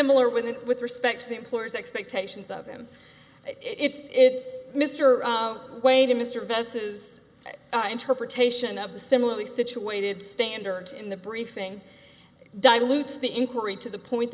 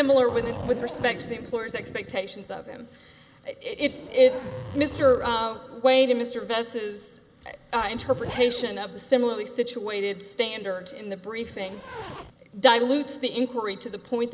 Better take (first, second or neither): first